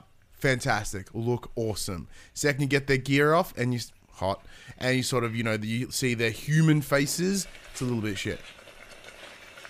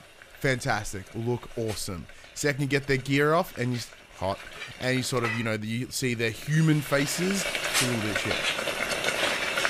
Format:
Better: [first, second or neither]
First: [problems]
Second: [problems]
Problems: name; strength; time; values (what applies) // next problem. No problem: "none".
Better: first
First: household noises; faint; throughout; 20 dB below the speech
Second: household noises; loud; throughout; 1 dB below the speech